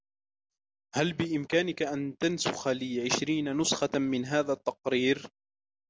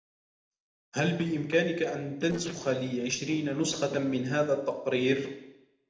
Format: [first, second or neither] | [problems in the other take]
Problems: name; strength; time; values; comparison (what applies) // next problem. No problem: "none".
first | noise reduction (neural separator model SepFormer DNS4)